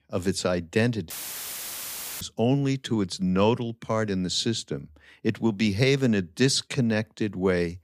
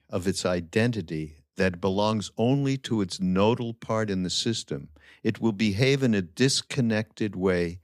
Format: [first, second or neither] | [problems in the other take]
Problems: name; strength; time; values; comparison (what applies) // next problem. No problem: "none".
second | audio cutting out; filled with static; at 1 s for 1 s